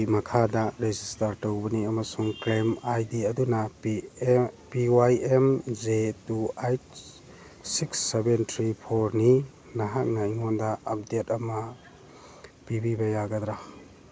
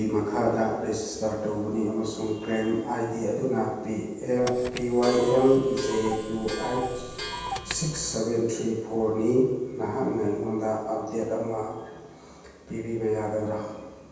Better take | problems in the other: first | background sound (Clock); 8 dB below the speech // room echo; dies away in 1.2 s

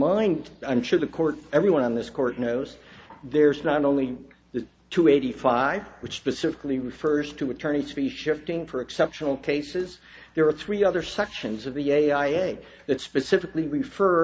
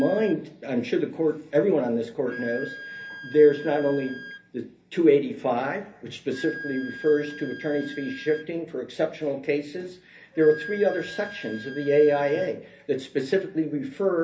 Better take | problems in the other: first | background sound (Wind instrument, woodwind instrument); 17 dB below the speech // room echo; dies away in 0.3 s

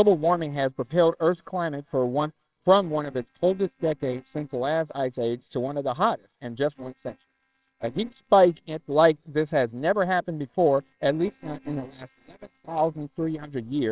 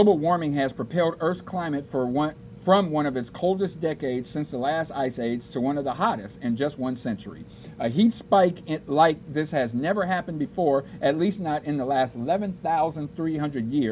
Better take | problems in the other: second | noise reduction (neural separator model SepFormer WHAMR!)

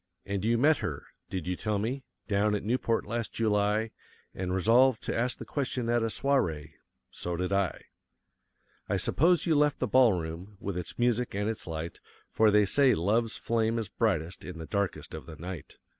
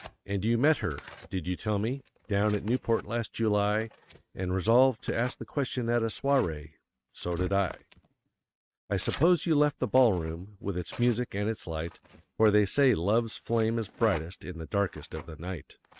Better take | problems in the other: first | noise reduction (neural mask model RNNoise)

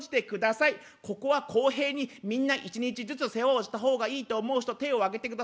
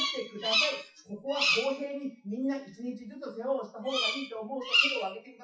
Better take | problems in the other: first | noise reduction (classical method WPE with log-MMSE)

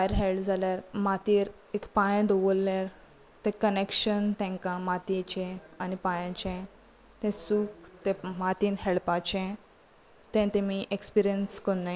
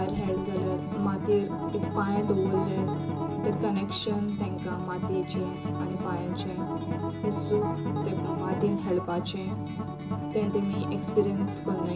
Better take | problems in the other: first | background sound (Acoustic guitar); 1 dB below the speech // room echo; dies away in 0.2 s

